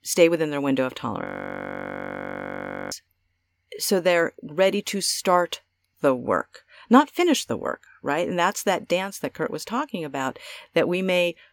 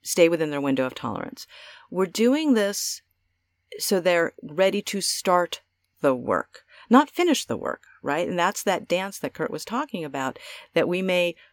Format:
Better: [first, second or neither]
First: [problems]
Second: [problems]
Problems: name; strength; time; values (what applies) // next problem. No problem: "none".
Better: second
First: audio freezing; at 1.5 s for 1.5 s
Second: none